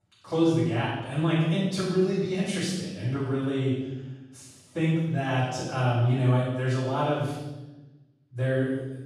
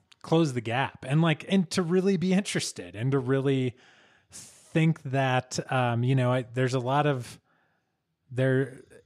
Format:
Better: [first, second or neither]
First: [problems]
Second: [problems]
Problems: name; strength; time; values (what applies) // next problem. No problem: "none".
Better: second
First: off-mic speech; far // room echo; strong; dies away in 1 s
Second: none